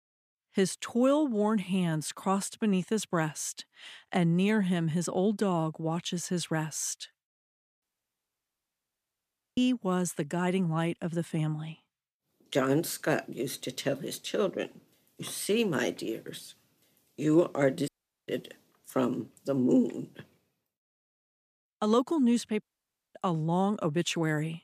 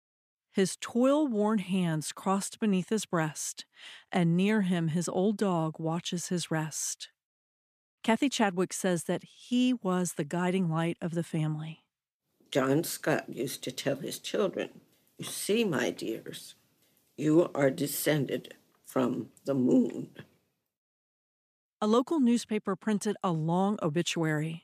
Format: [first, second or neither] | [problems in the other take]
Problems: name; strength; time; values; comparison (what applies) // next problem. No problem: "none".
second | audio cutting out; at 8 s for 2 s, at 18 s and at 23 s for 0.5 s